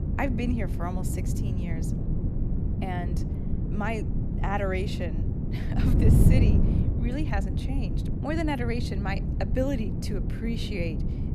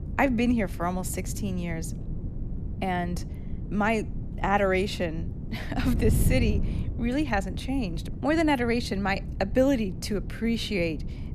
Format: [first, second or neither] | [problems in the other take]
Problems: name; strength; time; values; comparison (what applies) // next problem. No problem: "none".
second | wind noise on the microphone; heavy; 4 dB below the speech; occasional gusts in the second